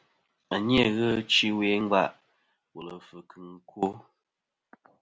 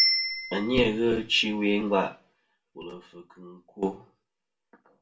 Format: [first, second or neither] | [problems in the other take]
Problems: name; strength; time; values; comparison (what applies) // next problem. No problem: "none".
first | background sound (Bicycle bell); 5 dB below the speech // room echo; dies away in 0.2 s